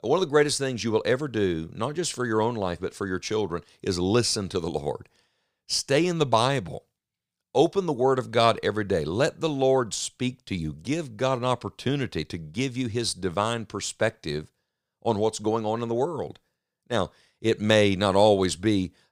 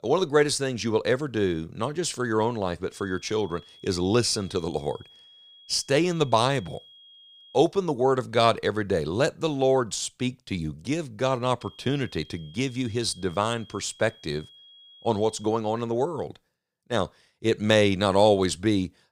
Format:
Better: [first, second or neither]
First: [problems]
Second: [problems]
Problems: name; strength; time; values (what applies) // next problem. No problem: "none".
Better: first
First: none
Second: high-pitched whine; faint; from 3 to 7.5 s and from 12 to 16 s; 3.5 kHz, 25 dB below the speech